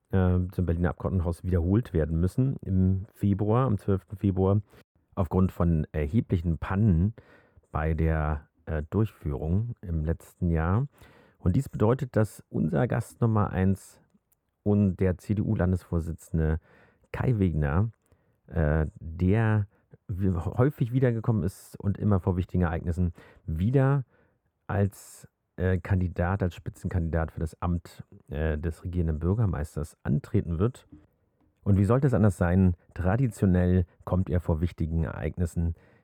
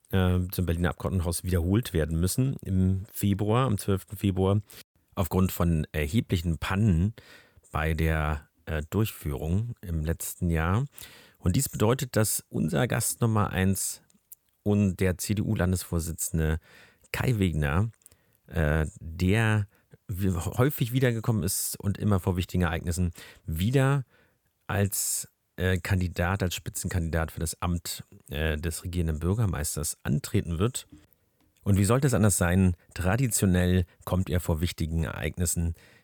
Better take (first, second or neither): second